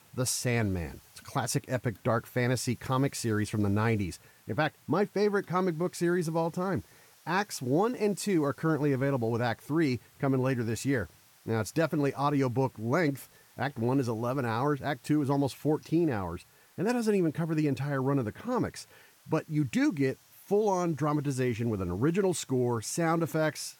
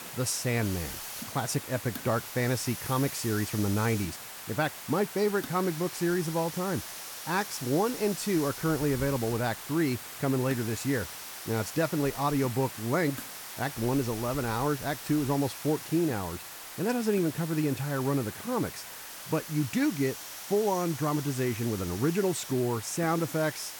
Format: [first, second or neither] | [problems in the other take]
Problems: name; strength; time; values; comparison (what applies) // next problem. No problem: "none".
first | hiss; loud; throughout; 9 dB below the speech; faint in the first